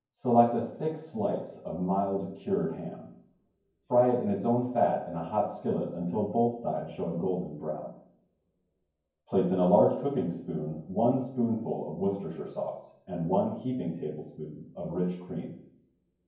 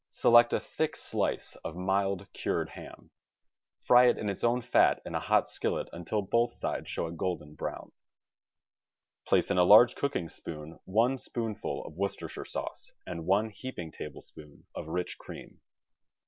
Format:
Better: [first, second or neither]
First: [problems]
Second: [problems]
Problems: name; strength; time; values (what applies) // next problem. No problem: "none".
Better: second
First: room echo; dies away in 0.9 s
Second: none